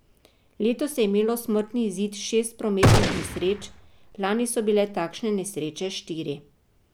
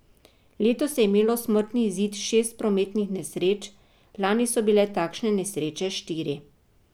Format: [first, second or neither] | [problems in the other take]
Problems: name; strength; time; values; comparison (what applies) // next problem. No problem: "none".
second | background sound (Gunshot, gunfire); 4 dB above the speech